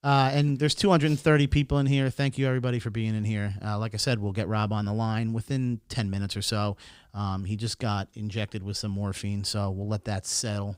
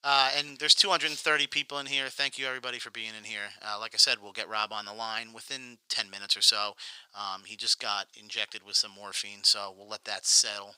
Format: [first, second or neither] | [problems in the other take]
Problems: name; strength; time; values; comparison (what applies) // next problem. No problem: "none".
first | thin; very; fading below 900 Hz